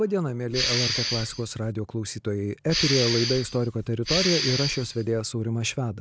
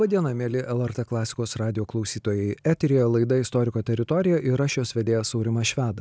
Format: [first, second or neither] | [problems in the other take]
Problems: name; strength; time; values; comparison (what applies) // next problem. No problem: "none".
second | background sound (Respiratory sounds); 2 dB below the speech